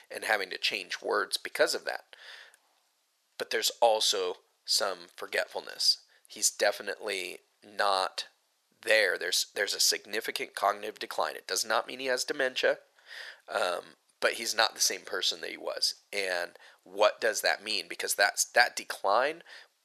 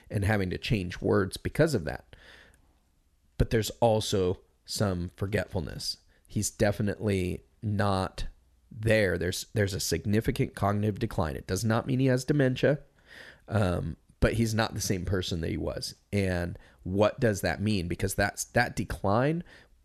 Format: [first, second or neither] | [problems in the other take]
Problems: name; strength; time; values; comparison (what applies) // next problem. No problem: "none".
second | thin; very; fading below 600 Hz